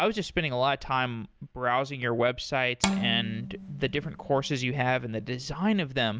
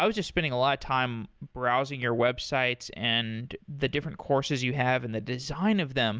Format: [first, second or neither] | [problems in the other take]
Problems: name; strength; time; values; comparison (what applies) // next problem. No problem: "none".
second | background sound (Bowed string instrument); 7 dB below the speech